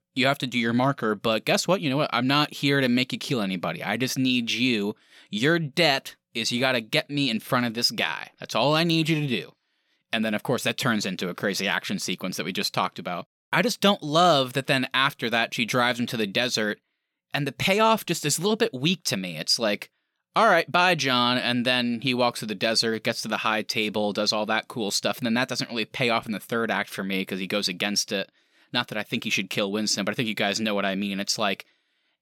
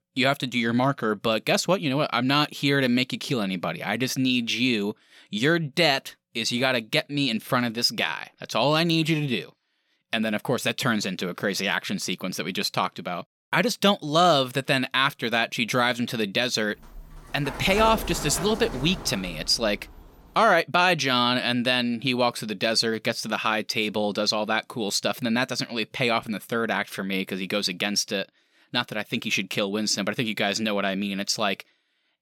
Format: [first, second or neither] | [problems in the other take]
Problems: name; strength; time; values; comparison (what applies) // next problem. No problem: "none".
first | door banging; noticeable; from 17 to 20 s; peak 7 dB below the speech